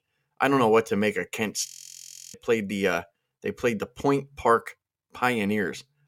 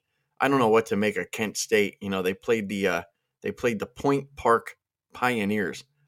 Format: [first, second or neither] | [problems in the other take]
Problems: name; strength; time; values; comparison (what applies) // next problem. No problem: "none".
second | audio freezing; at 1.5 s for 0.5 s